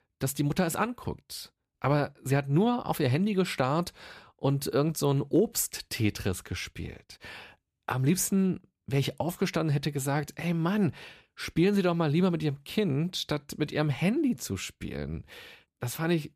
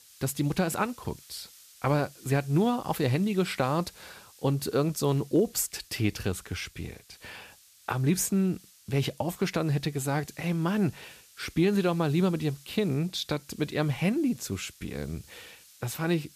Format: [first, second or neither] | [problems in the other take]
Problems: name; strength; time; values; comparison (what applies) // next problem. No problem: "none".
first | hiss; faint; throughout; 25 dB below the speech